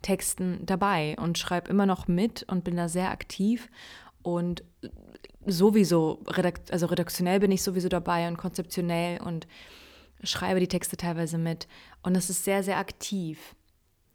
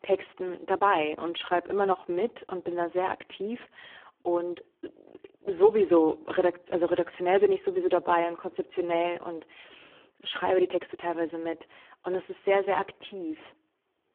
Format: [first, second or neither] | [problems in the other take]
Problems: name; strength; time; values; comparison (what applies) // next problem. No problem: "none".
first | phone-call audio; poor line; nothing above 3.5 kHz